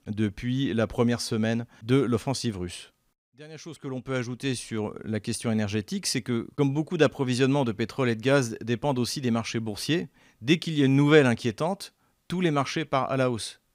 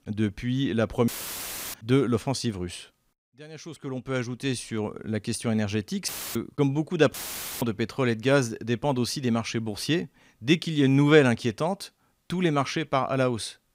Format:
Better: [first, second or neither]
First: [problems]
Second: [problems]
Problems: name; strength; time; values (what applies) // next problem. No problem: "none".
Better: first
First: none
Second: audio cutting out; filled with static; at 1 s for 0.5 s, at 6 s and at 7 s